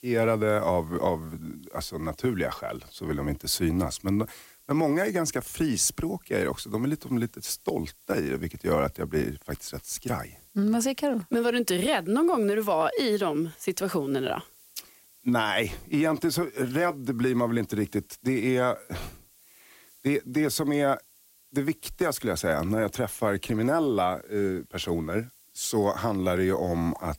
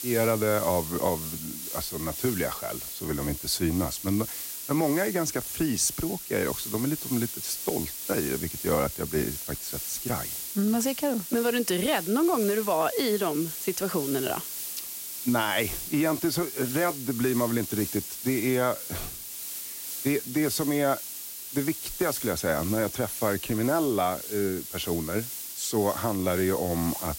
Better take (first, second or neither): first